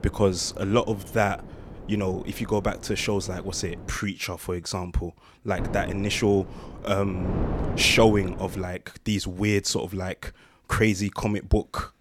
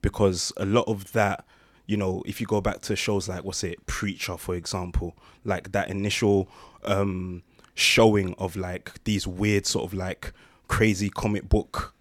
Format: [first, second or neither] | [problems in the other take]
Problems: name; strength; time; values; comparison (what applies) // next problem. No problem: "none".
second | wind noise on the microphone; occasional gusts; until 4 s and from 5.5 to 8.5 s; 15 dB below the speech